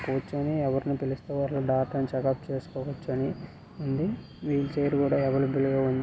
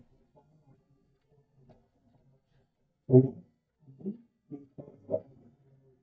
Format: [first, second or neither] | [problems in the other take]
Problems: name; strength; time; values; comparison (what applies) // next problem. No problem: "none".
first | noise reduction (neural mask model DeepFilterNet 3)